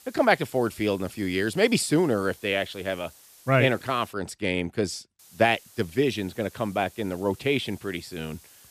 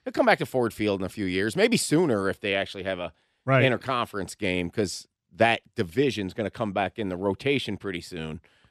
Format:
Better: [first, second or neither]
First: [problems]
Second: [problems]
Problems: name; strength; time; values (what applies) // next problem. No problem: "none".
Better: second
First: hiss; faint; until 4 s and from 5 s on; 25 dB below the speech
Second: none